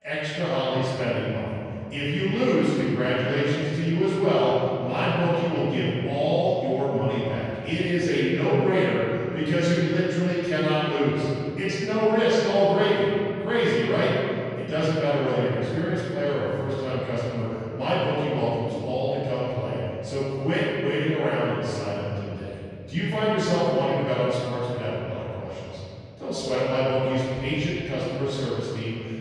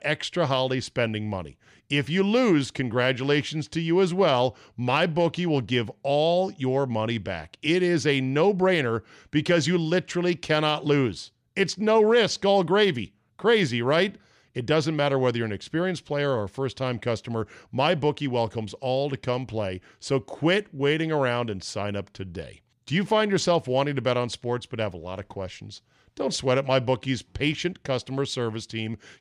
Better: second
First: room echo; strong; dies away in 2.6 s // off-mic speech; far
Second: none

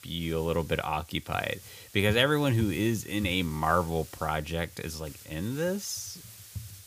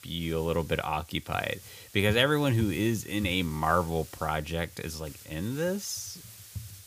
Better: neither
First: hiss; noticeable; throughout; 20 dB below the speech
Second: hiss; noticeable; throughout; 20 dB below the speech

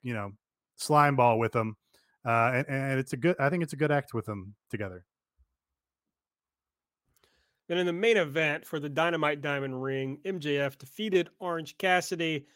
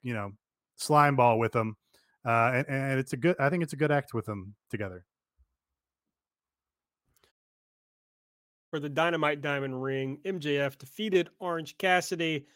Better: first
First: none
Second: audio cutting out; at 7.5 s for 1.5 s

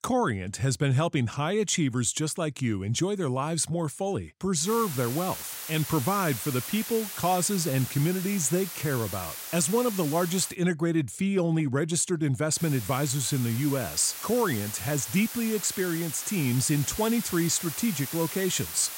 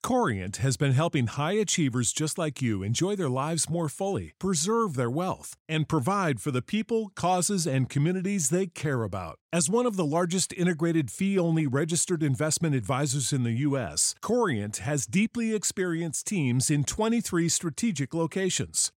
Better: second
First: hiss; loud; from 4.5 to 11 s and from 13 s on; 8 dB below the speech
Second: none

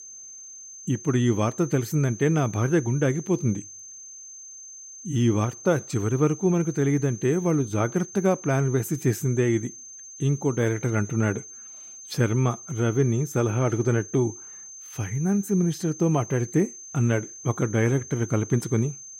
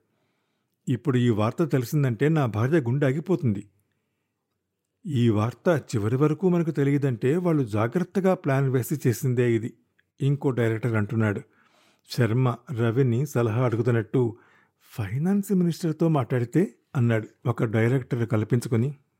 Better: second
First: high-pitched whine; noticeable; throughout; 6.5 kHz, 15 dB below the speech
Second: none

